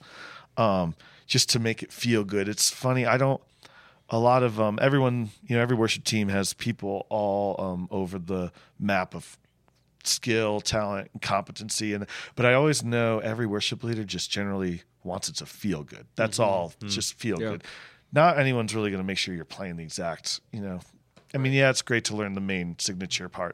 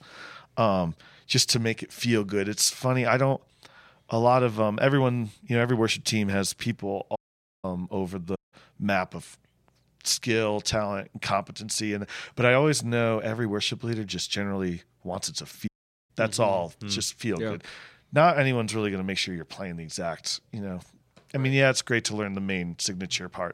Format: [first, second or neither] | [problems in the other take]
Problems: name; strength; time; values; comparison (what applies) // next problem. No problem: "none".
first | audio cutting out; at 7 s, at 8.5 s and at 16 s